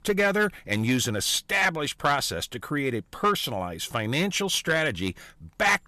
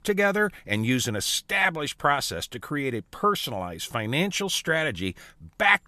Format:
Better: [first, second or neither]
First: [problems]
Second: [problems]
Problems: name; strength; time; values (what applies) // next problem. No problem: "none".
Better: second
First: distortion; slight; 4% of the sound clipped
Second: none